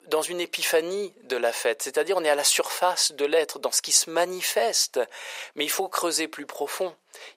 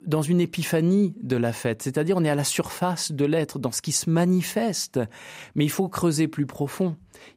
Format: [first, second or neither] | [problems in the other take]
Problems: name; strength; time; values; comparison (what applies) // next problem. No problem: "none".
second | thin; very; fading below 500 Hz